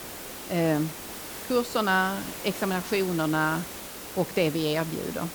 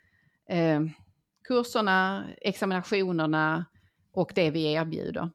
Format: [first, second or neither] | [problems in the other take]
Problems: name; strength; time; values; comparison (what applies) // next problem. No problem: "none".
second | hiss; loud; throughout; 9 dB below the speech